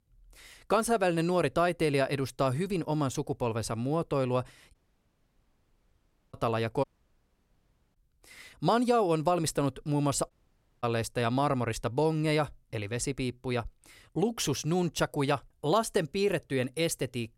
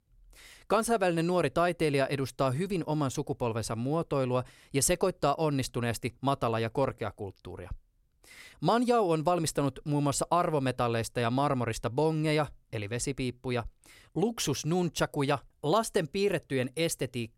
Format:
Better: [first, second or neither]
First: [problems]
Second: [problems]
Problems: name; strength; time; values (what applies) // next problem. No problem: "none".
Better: second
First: audio cutting out; at 4.5 s for 1.5 s, at 7 s for 1 s and at 10 s for 0.5 s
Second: none